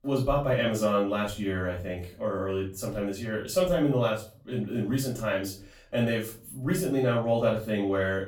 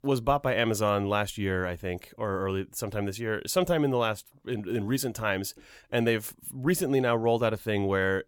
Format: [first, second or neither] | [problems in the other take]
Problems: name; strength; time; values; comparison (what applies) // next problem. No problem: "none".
second | off-mic speech; far // room echo; slight; dies away in 0.3 s